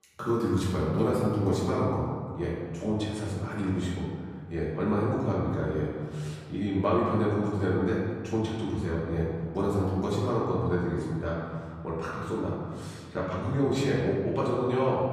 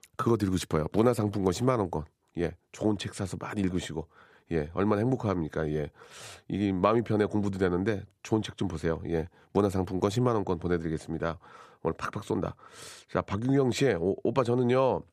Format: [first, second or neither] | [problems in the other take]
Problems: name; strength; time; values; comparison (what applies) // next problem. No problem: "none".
second | room echo; noticeable; dies away in 1.9 s // off-mic speech; far